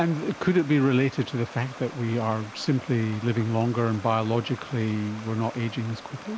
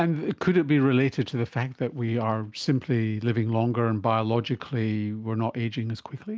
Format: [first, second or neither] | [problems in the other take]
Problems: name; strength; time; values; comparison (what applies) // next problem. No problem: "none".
second | background sound (Stream); 17 dB below the speech